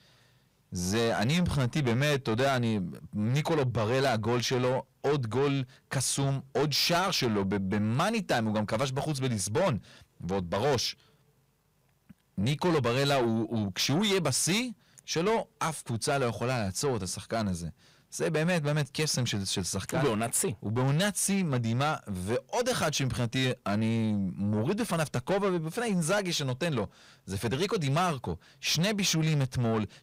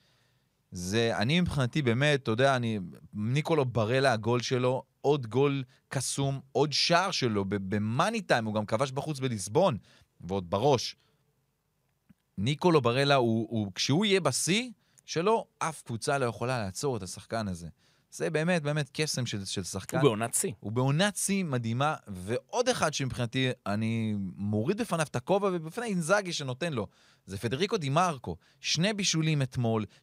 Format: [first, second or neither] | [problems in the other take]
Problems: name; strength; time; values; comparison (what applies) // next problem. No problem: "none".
second | distortion; heavy; 8 dB below the speech